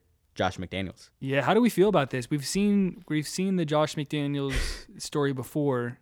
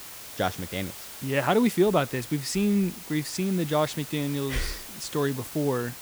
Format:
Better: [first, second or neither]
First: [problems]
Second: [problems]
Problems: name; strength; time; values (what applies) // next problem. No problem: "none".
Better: first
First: none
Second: hiss; noticeable; throughout; 10 dB below the speech